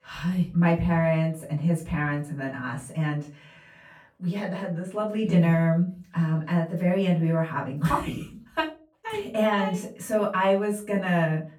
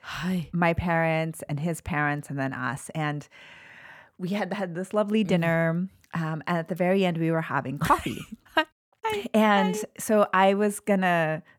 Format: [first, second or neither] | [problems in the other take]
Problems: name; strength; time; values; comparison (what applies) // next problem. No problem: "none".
second | off-mic speech; far // room echo; slight; dies away in 0.3 s